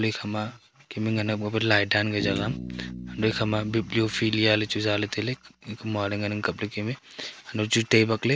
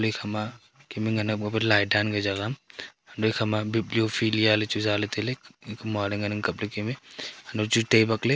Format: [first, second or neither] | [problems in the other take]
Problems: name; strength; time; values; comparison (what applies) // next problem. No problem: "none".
second | background sound (Bass guitar); 12 dB below the speech